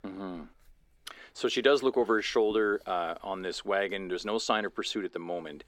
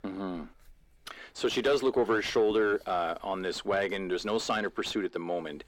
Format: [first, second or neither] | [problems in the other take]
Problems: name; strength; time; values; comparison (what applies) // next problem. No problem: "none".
first | distortion; slight; 10 dB below the speech